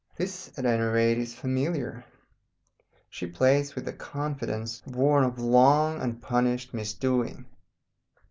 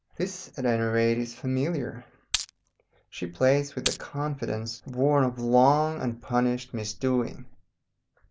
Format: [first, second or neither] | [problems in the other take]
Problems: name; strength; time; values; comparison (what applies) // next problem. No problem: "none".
first | background sound (Glass); 5 dB below the speech